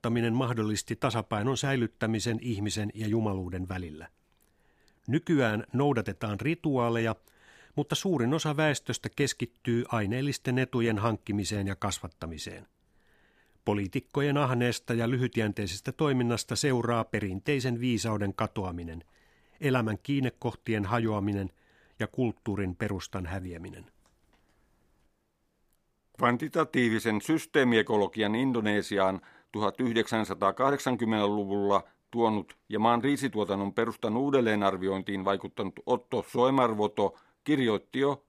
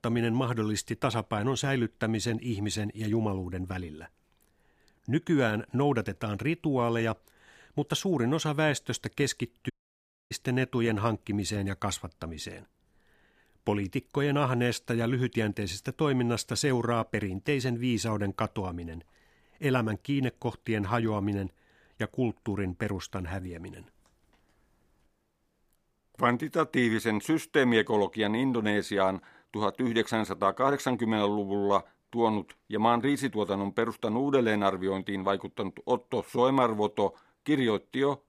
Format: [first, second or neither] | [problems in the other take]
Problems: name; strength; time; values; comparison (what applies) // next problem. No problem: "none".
first | audio cutting out; at 9.5 s for 0.5 s